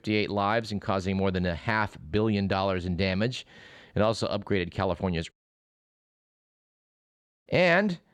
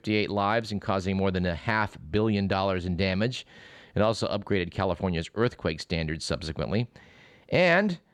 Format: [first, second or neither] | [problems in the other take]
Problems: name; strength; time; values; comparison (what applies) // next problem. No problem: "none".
second | audio cutting out; at 5.5 s for 2 s